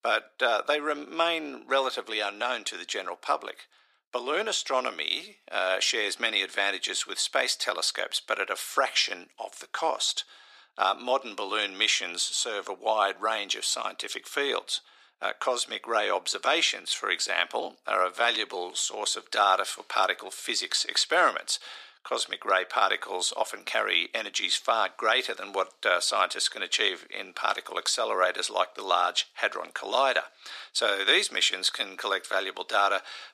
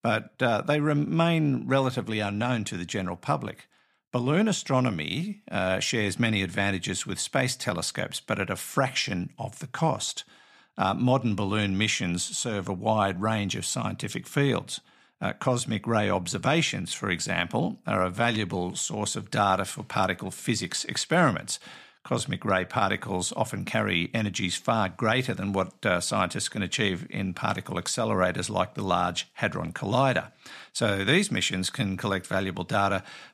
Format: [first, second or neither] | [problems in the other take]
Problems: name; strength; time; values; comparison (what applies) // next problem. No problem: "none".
second | thin; very; fading below 350 Hz